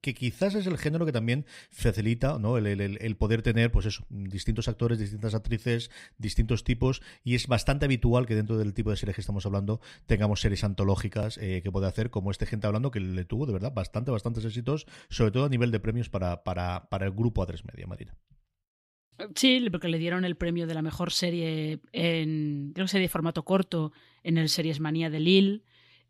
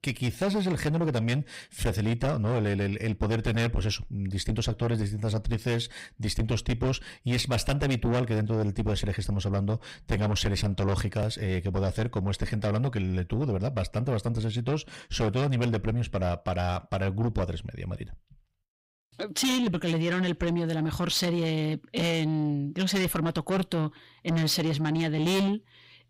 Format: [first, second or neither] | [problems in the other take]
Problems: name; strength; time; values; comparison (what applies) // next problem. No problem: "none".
first | distortion; heavy; 6 dB below the speech